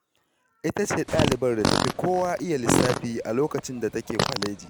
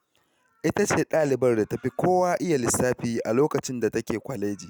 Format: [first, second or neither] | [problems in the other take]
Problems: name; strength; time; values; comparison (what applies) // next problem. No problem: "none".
second | background sound (Fart); 1 dB below the speech